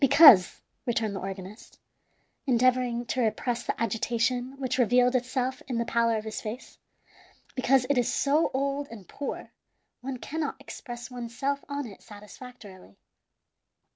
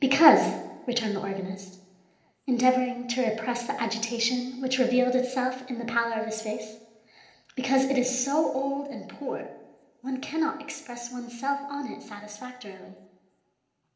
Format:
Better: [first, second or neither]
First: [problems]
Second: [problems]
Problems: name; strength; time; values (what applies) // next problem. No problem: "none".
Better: first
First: none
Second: room echo; dies away in 0.8 s